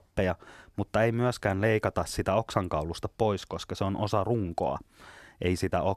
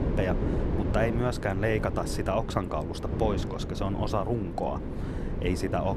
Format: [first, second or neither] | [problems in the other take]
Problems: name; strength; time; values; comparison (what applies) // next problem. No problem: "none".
first | wind noise on the microphone; heavy; 7 dB below the speech